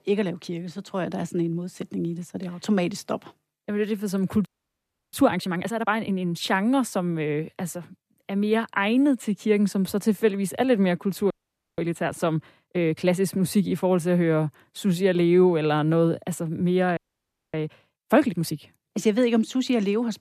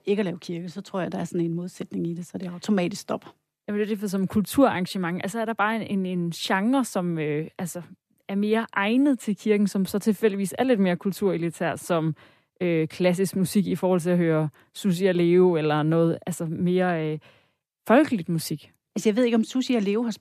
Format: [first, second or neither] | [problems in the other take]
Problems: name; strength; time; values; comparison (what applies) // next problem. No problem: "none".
second | audio freezing; at 4.5 s for 0.5 s, at 11 s and at 17 s for 0.5 s